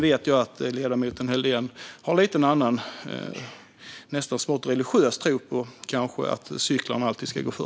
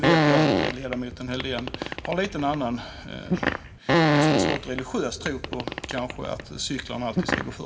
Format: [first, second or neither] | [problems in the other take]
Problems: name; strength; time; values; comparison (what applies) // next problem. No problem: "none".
first | background sound (Fart); 5 dB above the speech // room echo; dies away in 0.9 s